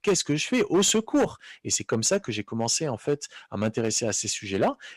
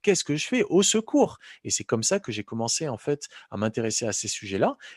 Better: second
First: distortion; slight; 4% of the sound clipped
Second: none

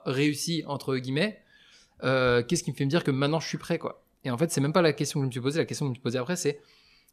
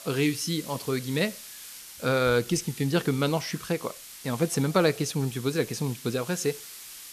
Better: first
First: none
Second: hiss; noticeable; throughout; 15 dB below the speech

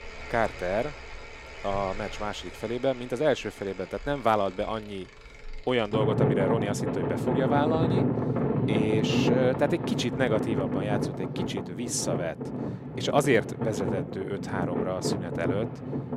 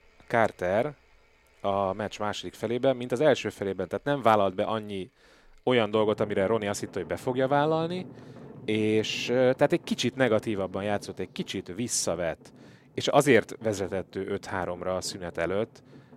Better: second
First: traffic noise; loud; throughout; as loud as the speech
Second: traffic noise; faint; throughout; 20 dB below the speech

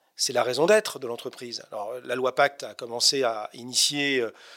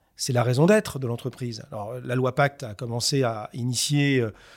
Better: second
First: thin; somewhat; fading below 450 Hz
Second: none

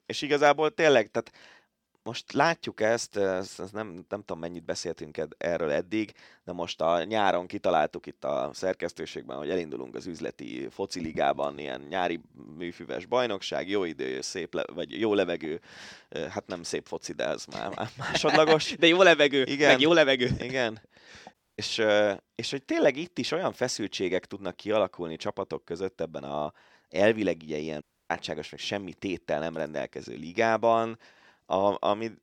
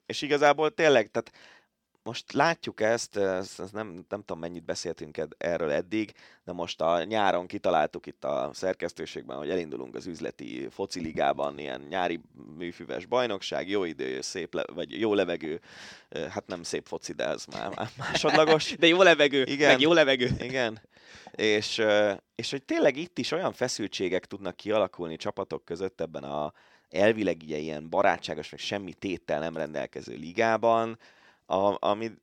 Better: second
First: audio cutting out; at 21 s and at 28 s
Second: none

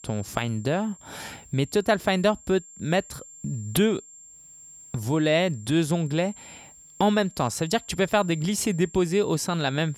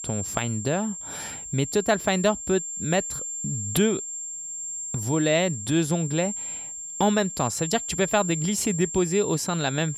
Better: first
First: high-pitched whine; faint; throughout; 7.5 kHz, 20 dB below the speech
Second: high-pitched whine; loud; throughout; 7.5 kHz, 6 dB below the speech

